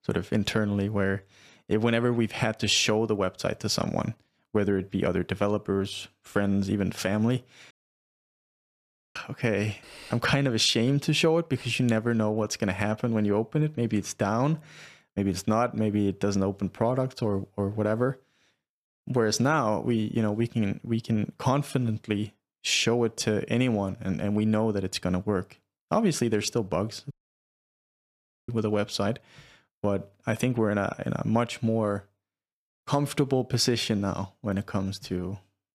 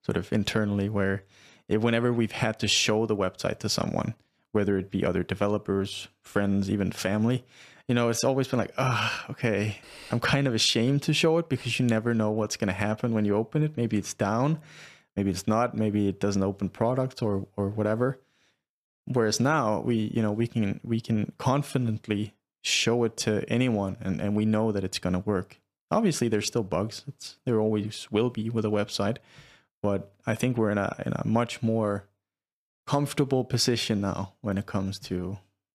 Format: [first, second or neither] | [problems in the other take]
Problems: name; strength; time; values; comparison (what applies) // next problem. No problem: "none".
second | audio cutting out; at 7.5 s for 1.5 s and at 27 s for 1.5 s